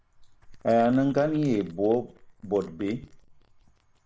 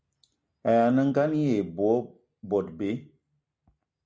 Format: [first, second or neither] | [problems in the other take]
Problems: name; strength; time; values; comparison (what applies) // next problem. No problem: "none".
second | noise reduction (neural mask model Resemble Enhance denoiser)